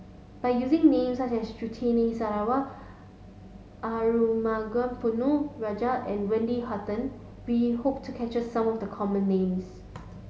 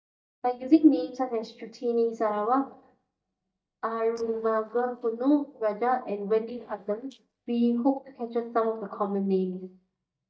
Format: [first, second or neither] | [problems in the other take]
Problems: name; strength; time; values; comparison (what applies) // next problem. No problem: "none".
first | noise reduction (neural mask model DeepFilterNet 3)